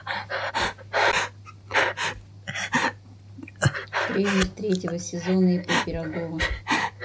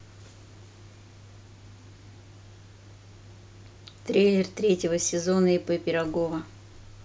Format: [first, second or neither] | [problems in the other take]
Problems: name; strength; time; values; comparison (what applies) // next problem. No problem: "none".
second | background sound (Breathing); 2 dB above the speech // room echo; dies away in 0.4 s